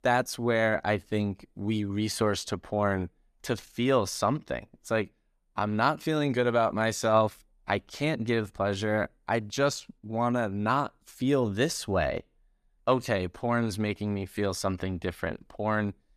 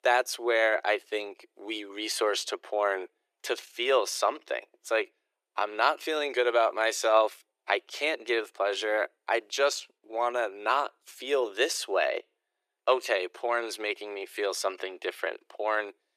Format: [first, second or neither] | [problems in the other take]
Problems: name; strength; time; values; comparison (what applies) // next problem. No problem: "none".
first | thin; very; fading below 350 Hz